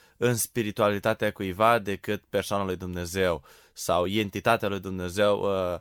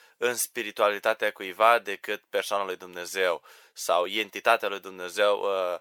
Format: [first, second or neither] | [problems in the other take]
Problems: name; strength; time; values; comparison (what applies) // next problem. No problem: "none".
first | thin; very; fading below 550 Hz